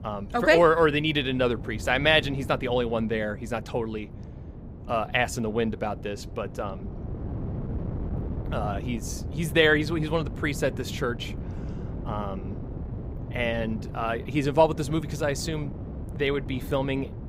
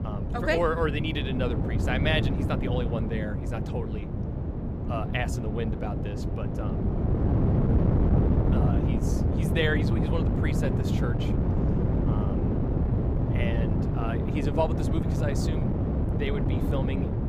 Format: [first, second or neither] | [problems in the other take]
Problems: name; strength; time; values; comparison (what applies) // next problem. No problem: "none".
first | wind noise on the microphone; heavy; 2 dB below the speech; occasional gusts in the first